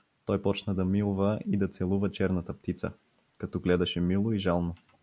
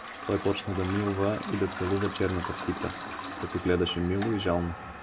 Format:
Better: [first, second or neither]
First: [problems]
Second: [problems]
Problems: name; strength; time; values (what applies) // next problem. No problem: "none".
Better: first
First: none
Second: background sound (Toilet flush); 9 dB below the speech // room echo; dies away in 0.4 s